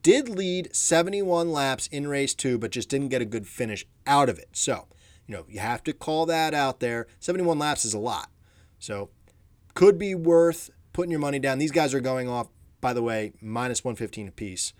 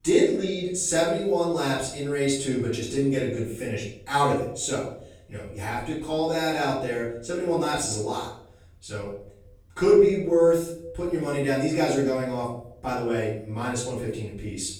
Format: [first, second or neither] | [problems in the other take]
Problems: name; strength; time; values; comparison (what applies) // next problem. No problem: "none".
first | off-mic speech; far // room echo; noticeable; dies away in 0.6 s